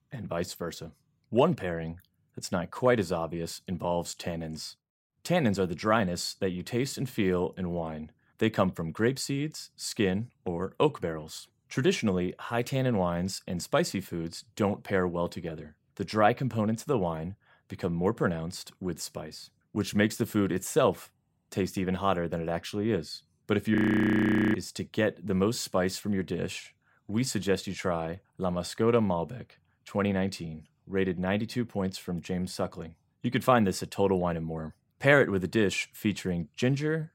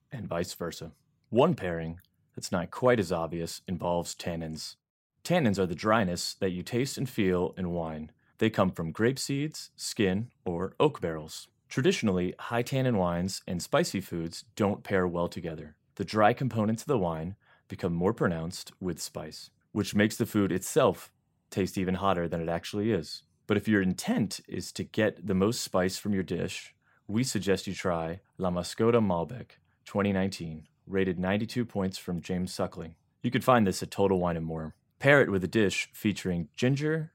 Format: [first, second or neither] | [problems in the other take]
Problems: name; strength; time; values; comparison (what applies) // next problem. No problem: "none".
second | audio freezing; at 24 s for 1 s